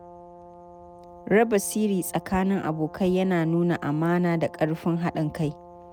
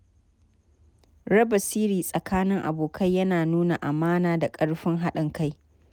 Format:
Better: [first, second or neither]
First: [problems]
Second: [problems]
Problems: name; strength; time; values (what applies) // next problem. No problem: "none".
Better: second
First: background sound (Brass instrument); 20 dB below the speech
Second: none